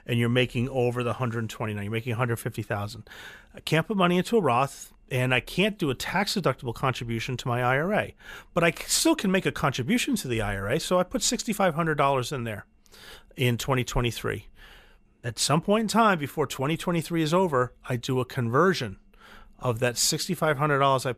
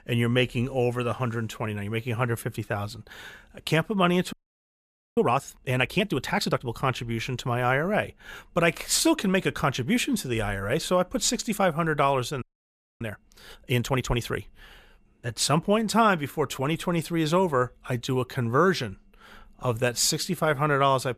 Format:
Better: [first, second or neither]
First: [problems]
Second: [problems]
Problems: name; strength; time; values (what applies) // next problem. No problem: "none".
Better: first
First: none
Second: audio freezing; at 4.5 s for 1 s and at 12 s for 0.5 s